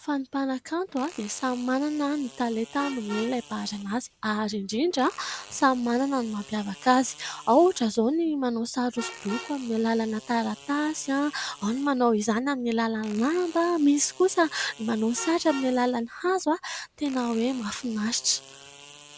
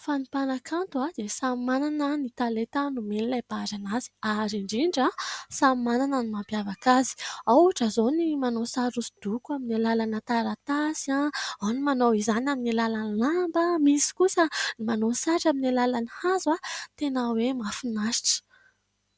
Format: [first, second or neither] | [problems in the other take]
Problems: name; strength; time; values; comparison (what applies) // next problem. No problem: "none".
second | background sound (Vehicle horn, car horn, honking + Fart); 19 dB below the speech